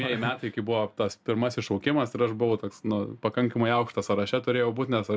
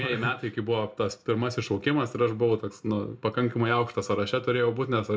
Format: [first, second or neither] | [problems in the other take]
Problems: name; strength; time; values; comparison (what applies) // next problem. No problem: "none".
first | room echo; dies away in 0.3 s